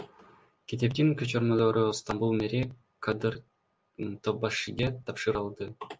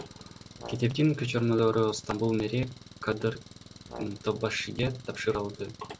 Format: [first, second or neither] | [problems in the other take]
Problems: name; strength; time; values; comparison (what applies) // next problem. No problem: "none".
first | background sound (Brass instrument + Engine); 17 dB below the speech